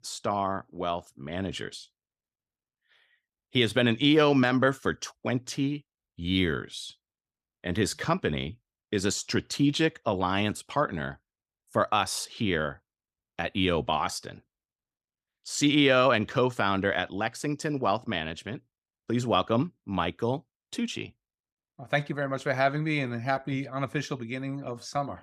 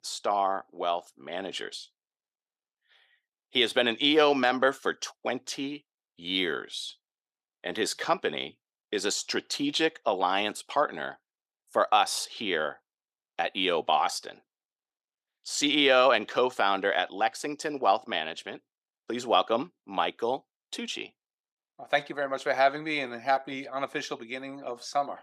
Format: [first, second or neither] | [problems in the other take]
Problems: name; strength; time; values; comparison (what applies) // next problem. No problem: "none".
first | thin; somewhat; fading below 450 Hz